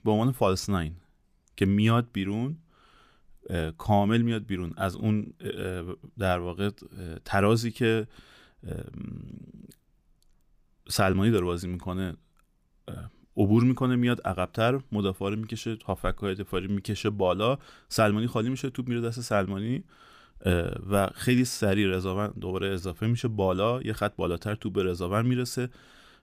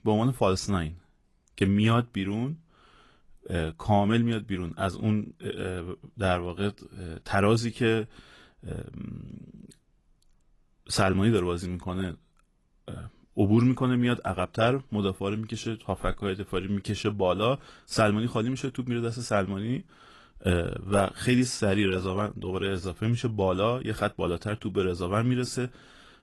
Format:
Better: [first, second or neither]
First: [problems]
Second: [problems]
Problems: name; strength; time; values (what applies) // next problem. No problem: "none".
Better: first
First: none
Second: garbled, watery; slightly; nothing above 11 kHz